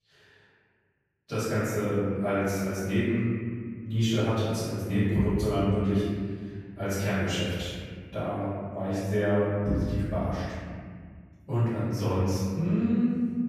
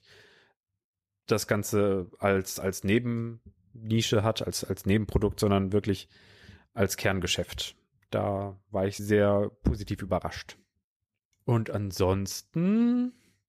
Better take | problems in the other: second | off-mic speech; far // room echo; strong; dies away in 2.2 s

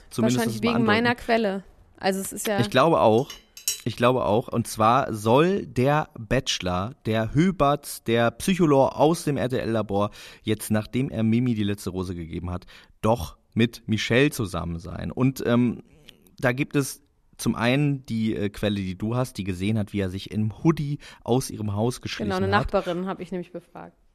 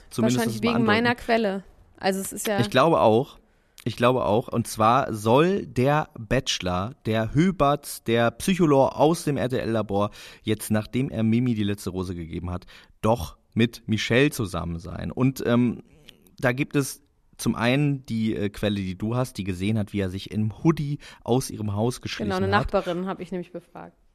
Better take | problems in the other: second | clattering dishes; noticeable; at 3.5 s; peak 4 dB below the speech

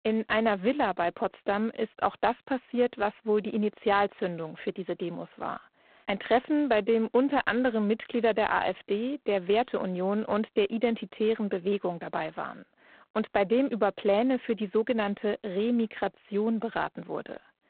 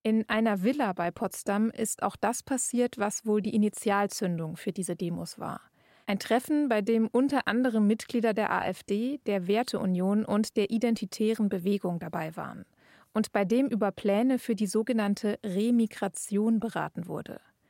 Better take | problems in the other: second | phone-call audio; poor line; nothing above 4 kHz

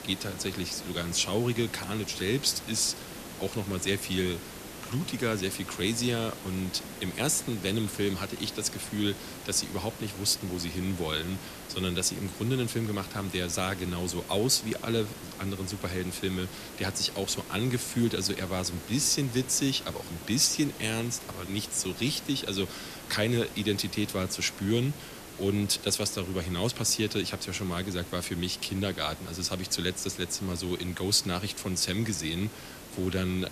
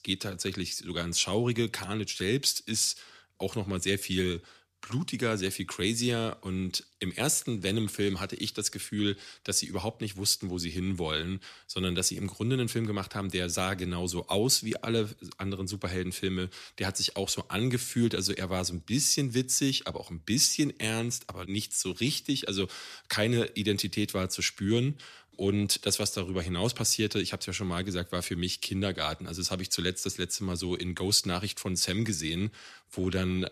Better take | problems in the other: second | hiss; noticeable; throughout; 10 dB below the speech

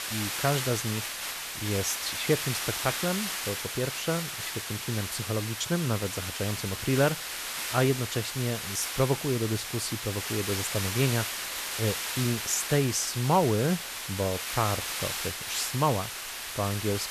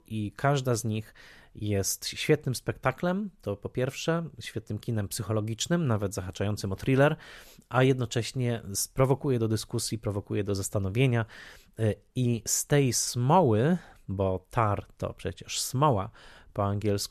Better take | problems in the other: second | hiss; loud; throughout; 2 dB below the speech

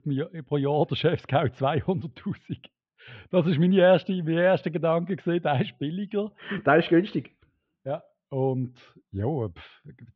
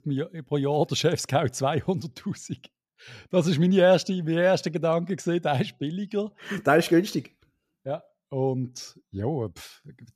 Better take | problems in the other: second | muffled; very; fading above 3.5 kHz

